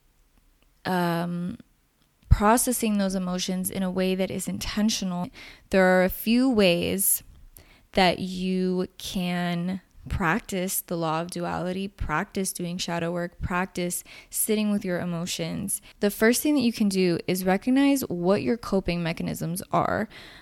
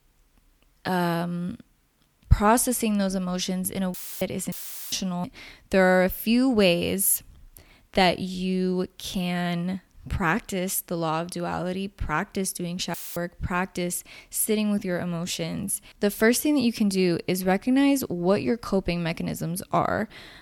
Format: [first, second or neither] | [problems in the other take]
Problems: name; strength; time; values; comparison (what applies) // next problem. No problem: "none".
first | audio cutting out; filled with static; at 4 s, at 4.5 s and at 13 s